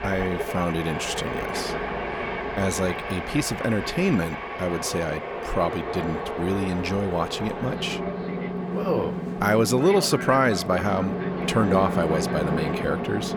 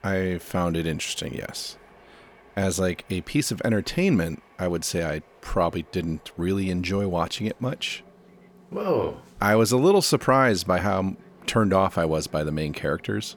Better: second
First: train or aircraft noise; loud; throughout; 4 dB below the speech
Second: train or aircraft noise; faint; throughout; 30 dB below the speech

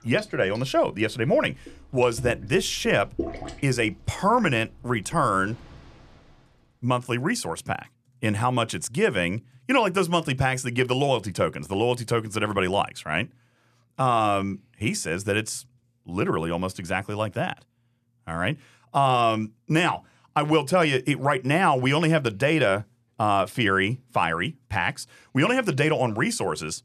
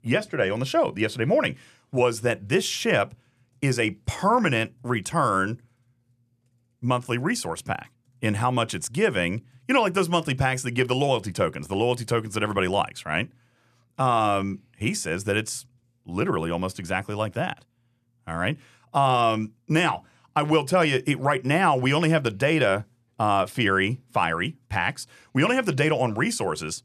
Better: second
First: rain or running water; noticeable; until 6.5 s; 15 dB below the speech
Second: none

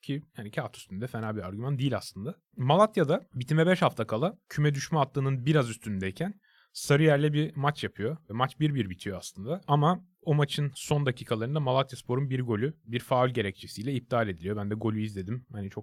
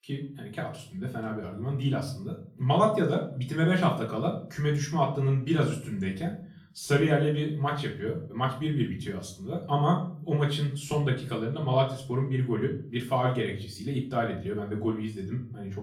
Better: first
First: none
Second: off-mic speech; far // room echo; slight; dies away in 0.5 s

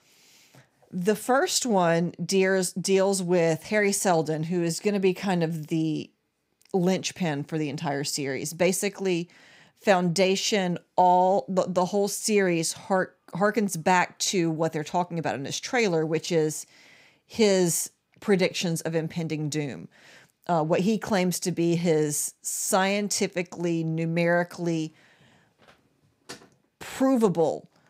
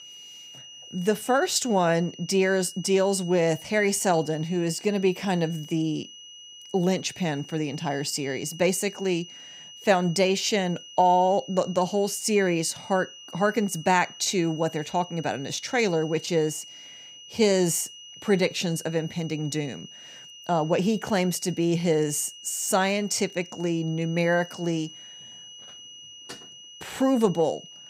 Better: first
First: none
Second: high-pitched whine; noticeable; throughout; 3 kHz, 15 dB below the speech

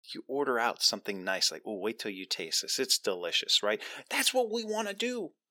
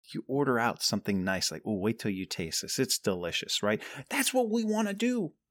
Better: second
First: thin; somewhat; fading below 400 Hz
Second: none

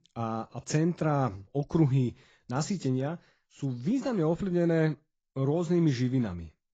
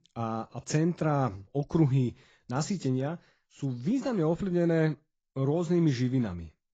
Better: neither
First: garbled, watery; badly; nothing above 7.5 kHz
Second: garbled, watery; badly; nothing above 7.5 kHz

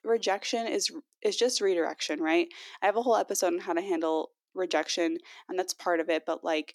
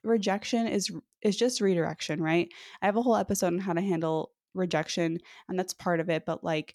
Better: second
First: thin; somewhat; fading below 300 Hz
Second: none

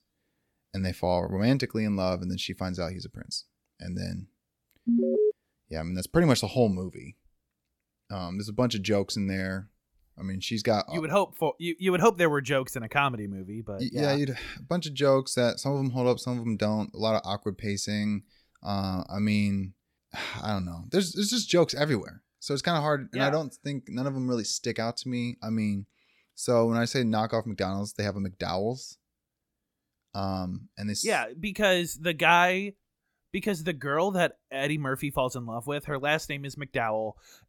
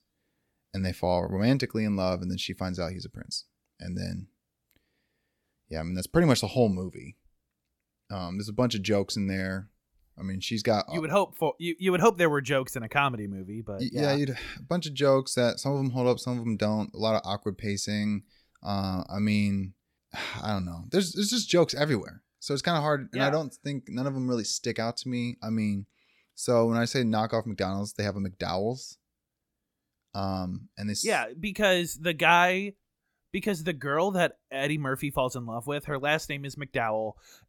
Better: second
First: alarm; loud; at 5 s; peak 4 dB above the speech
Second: none

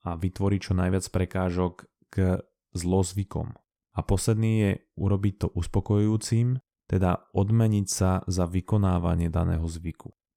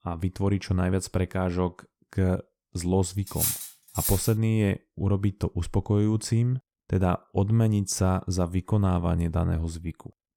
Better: first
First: none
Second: clattering dishes; loud; from 3.5 to 4.5 s; peak 1 dB above the speech

